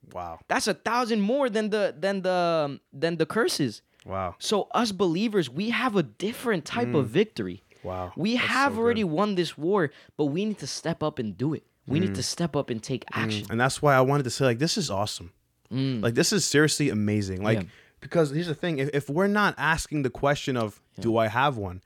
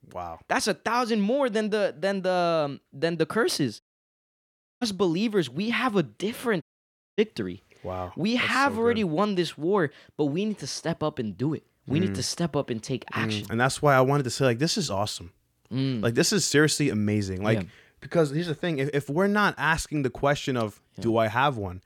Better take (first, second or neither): first